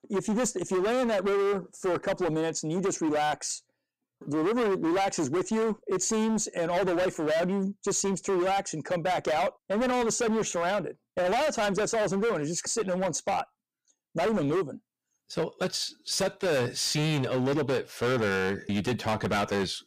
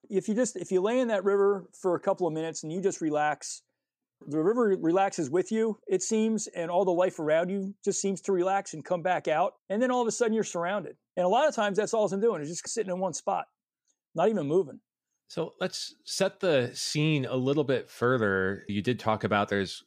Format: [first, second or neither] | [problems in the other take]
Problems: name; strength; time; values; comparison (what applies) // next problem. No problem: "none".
second | distortion; heavy; 25% of the sound clipped